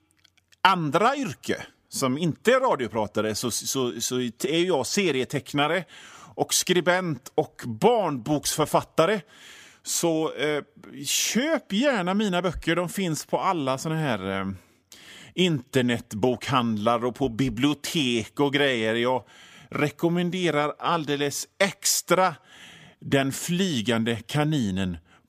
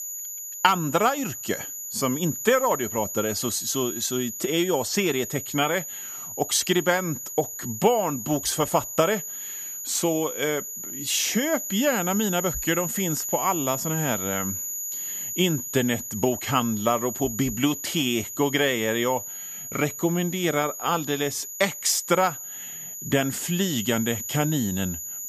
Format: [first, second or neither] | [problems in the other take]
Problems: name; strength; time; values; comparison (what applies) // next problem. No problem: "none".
first | high-pitched whine; loud; throughout; 7 kHz, 6 dB below the speech